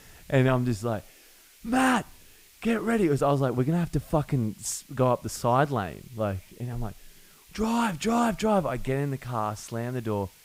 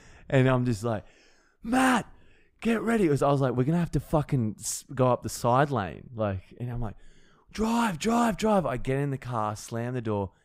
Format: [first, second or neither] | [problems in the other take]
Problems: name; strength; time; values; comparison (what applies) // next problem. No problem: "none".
second | hiss; faint; throughout; 25 dB below the speech